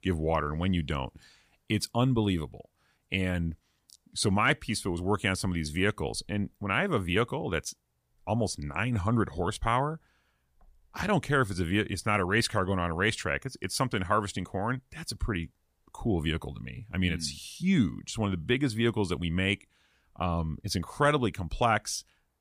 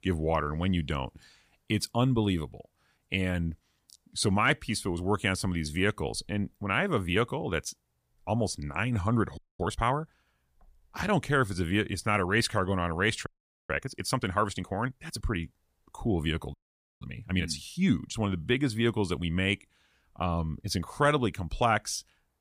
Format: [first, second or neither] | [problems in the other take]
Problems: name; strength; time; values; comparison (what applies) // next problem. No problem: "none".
first | audio freezing; at 9.5 s, at 13 s and at 17 s